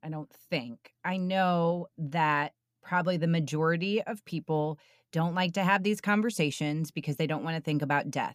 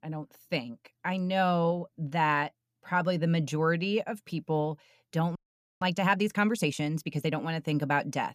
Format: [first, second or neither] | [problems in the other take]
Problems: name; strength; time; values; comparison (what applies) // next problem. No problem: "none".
first | audio freezing; at 5.5 s